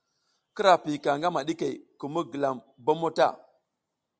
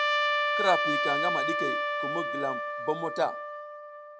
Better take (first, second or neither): first